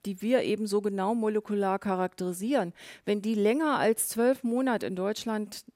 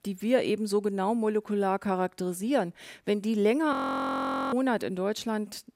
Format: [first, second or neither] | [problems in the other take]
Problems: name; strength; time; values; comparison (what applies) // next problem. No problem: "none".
first | audio freezing; at 3.5 s for 1 s